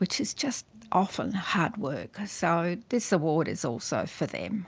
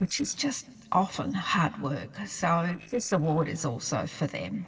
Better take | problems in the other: first | noise reduction (neural separator model SepFormer DNS4)

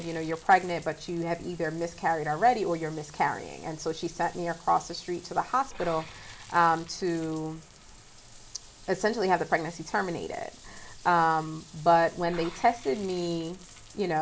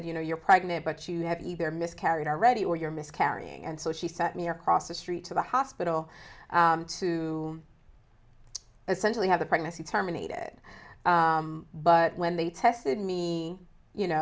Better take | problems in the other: second | background sound (Bathtub (filling or washing) / Water); 19 dB below the speech

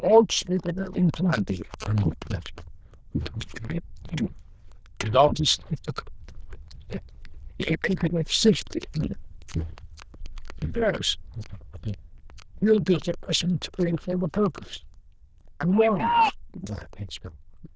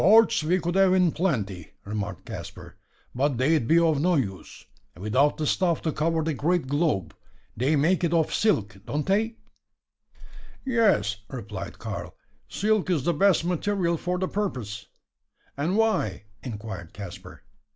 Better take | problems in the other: second | noise reduction (neural diffusion model UNIVERSE++)

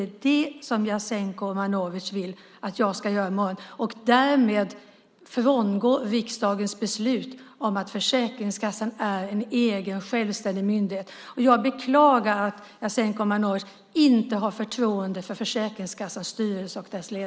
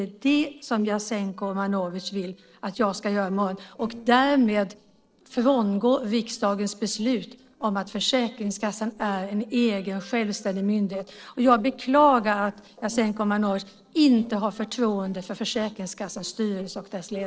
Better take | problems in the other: first | noise reduction (neural separator model SepFormer DNS4)

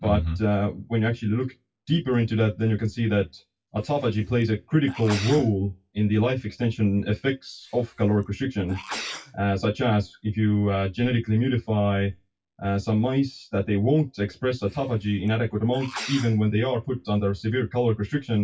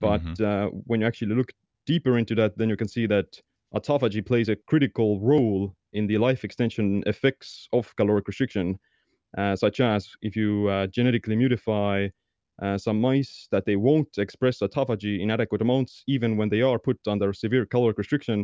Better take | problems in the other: second | noise reduction (classical method WPE with log-MMSE)

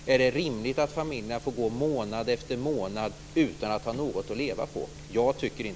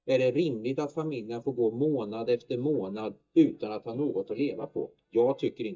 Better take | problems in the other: first | noise reduction (neural mask model DeepFilterNet 3)

